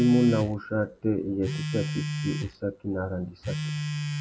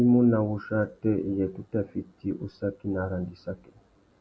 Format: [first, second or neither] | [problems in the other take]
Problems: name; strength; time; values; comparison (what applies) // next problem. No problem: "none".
second | background sound (Telephone); 5 dB below the speech